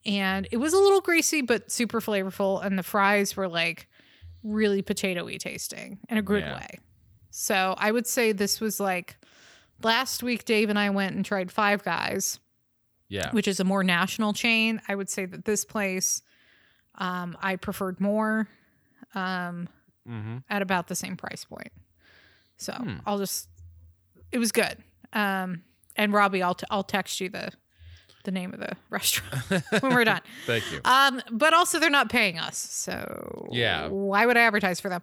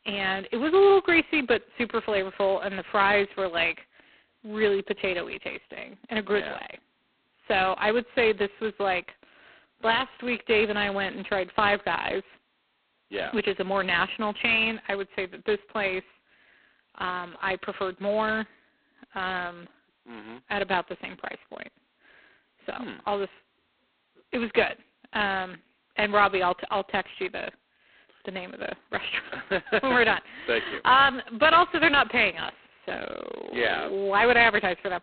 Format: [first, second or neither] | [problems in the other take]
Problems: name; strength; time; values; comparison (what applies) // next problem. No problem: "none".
first | phone-call audio; poor line; nothing above 4 kHz